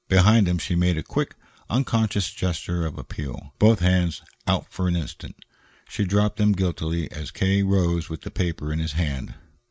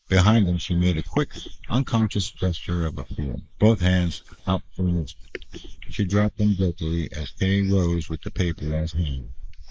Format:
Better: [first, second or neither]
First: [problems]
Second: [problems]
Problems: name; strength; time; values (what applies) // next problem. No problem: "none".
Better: first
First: none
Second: noise reduction (neural mask model Resemble Enhance denoiser)